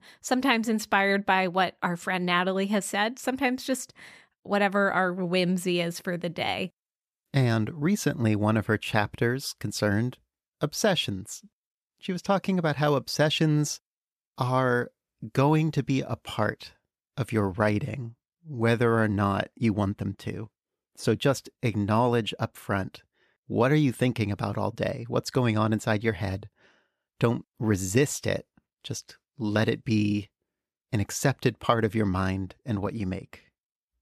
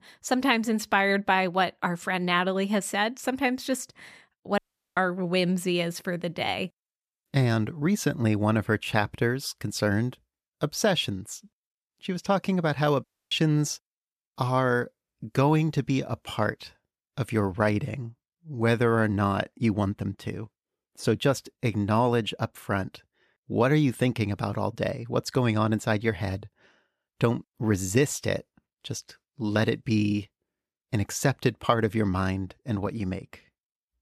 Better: first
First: none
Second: audio cutting out; at 4.5 s and at 13 s

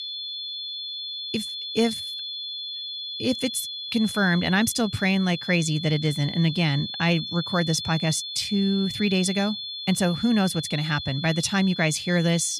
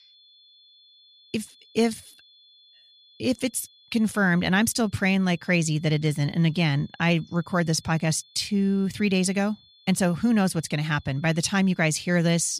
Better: second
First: high-pitched whine; loud; throughout; 3.5 kHz, 7 dB below the speech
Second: high-pitched whine; faint; throughout; 3.5 kHz, 30 dB below the speech

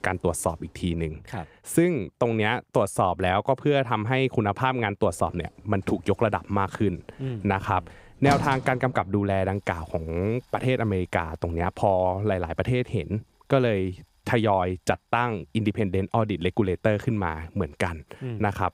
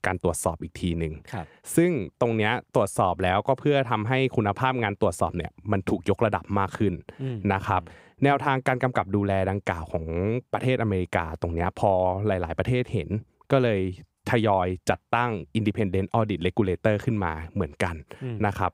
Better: second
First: household noises; loud; throughout; 10 dB below the speech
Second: none

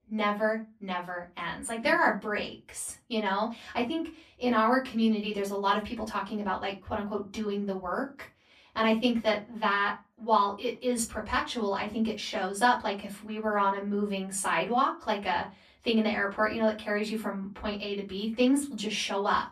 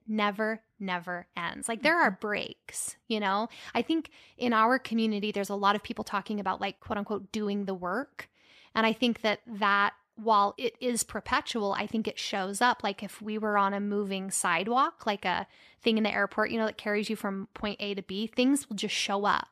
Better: second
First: off-mic speech; far // room echo; very slight; dies away in 0.2 s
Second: none

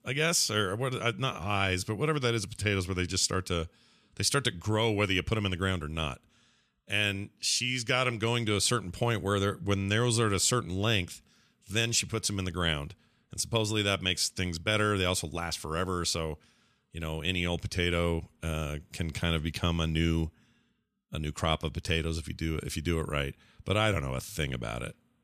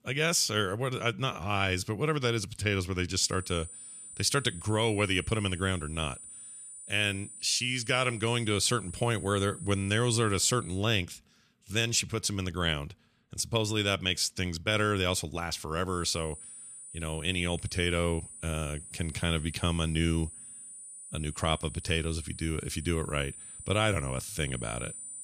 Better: first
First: none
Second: high-pitched whine; noticeable; from 3.5 to 11 s and from 16 s on; 9 kHz, 15 dB below the speech

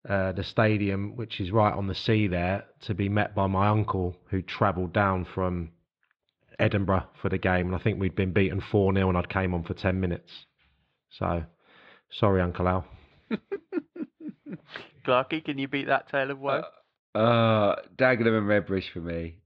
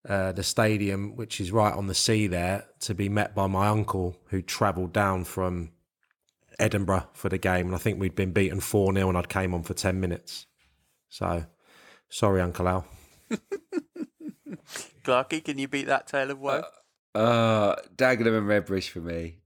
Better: second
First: muffled; slightly; fading above 3.5 kHz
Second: none

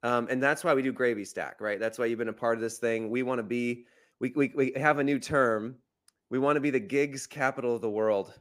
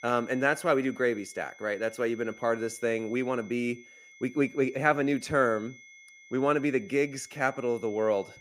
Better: first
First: none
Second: high-pitched whine; faint; throughout; 2 kHz, 20 dB below the speech

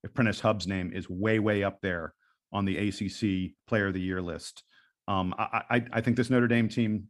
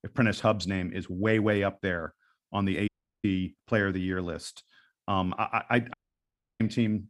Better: first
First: none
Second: audio cutting out; at 3 s and at 6 s for 0.5 s

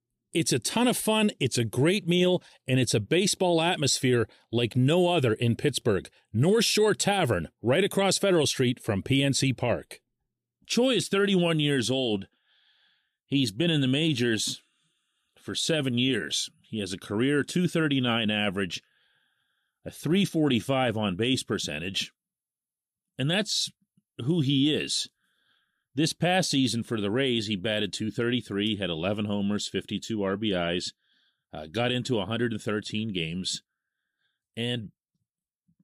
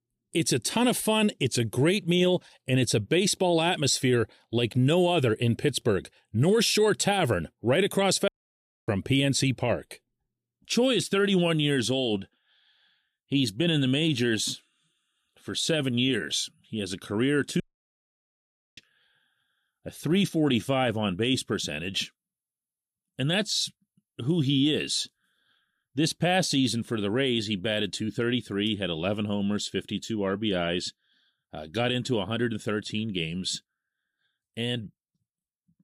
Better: first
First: none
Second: audio cutting out; at 8.5 s for 0.5 s and at 18 s for 1 s

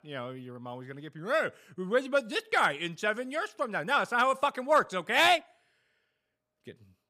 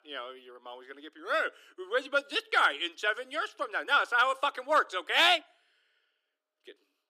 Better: first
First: none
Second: thin; somewhat; fading below 300 Hz

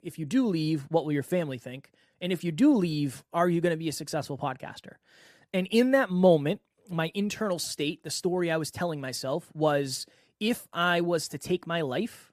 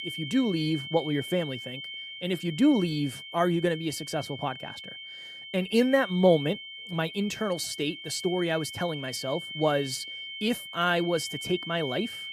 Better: first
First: none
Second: high-pitched whine; loud; throughout; 3 kHz, 10 dB below the speech

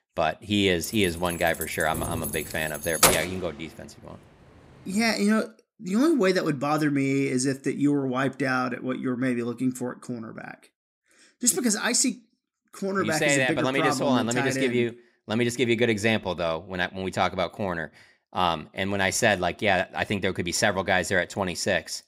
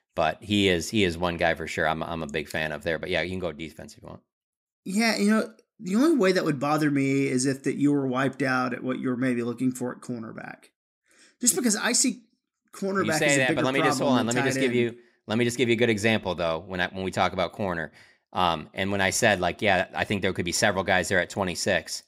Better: second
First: jangling keys; loud; from 1 to 3 s; peak 6 dB above the speech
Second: none

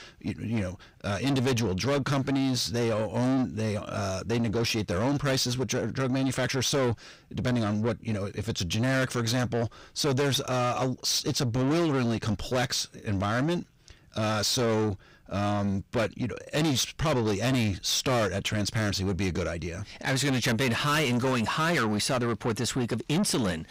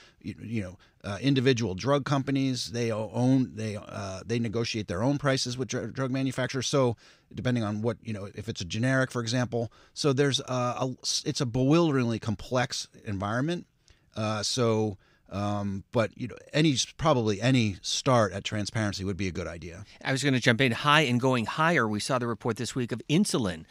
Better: second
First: distortion; heavy; 6 dB below the speech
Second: none

